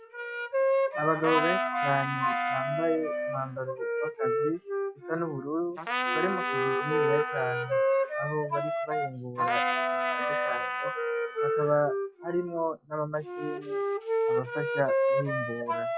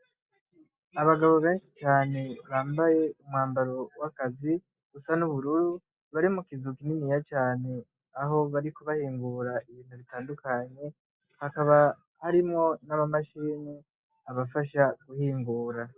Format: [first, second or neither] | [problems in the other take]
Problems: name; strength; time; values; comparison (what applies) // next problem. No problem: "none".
second | noise reduction (classical method log-MMSE)